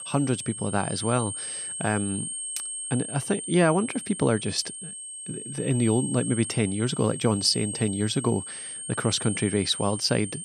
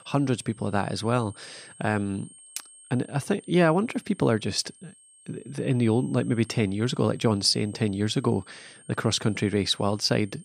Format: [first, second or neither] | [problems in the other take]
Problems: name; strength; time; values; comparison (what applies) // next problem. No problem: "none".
second | high-pitched whine; loud; throughout; 8.5 kHz, 7 dB below the speech; faint in the second